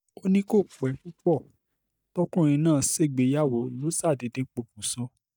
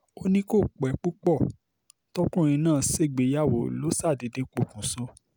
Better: second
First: noise reduction (neural mask model DeepFilterNet 3)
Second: none

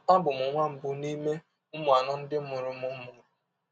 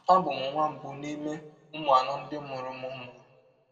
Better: first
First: none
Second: room echo; dies away in 1.5 s

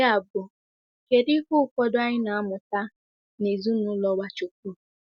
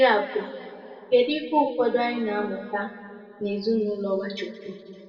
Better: first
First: none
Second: room echo; dies away in 2.1 s

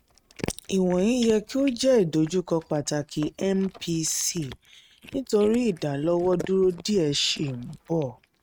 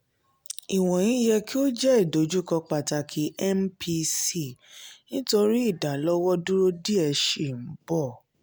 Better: second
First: noise reduction (neural mask model RNNoise)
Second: none

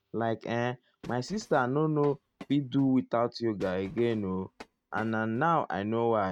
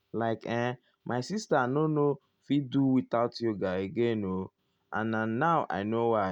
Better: second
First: noise reduction (neural mask model RNNoise)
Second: none

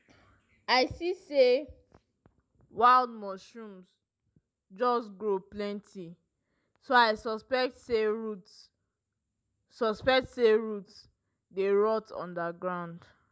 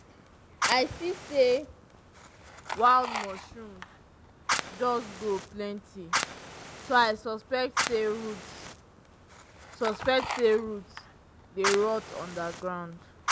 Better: first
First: none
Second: background sound (Fire); 7 dB below the speech

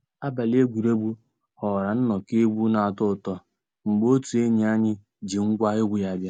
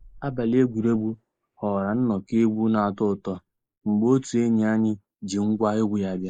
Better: first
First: none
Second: noise reduction (neural mask model Resemble Enhance denoiser)

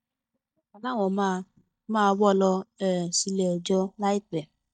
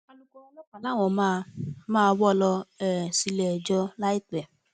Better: second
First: noise reduction (neural mask model DeepFilterNet 3)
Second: none

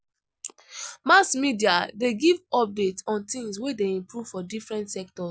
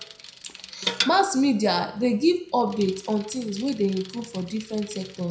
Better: first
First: none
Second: background sound (Bicycle); 12 dB below the speech // room echo; dies away in 0.4 s

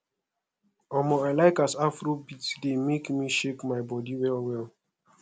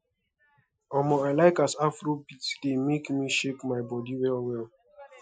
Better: first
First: none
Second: noise reduction (classical method Wiener filter)

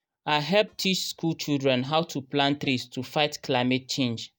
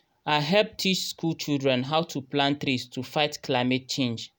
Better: second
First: noise reduction (neural mask model DeepFilterNet 3)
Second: none

